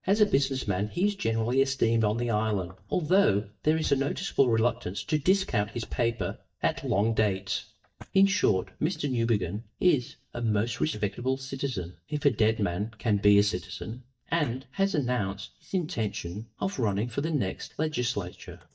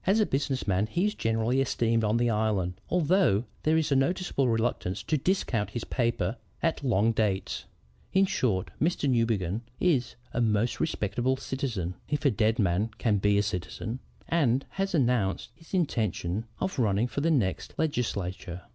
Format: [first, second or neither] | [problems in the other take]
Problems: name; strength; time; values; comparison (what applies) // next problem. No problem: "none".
second | noise reduction (neural mask model DeepFilterNet 3)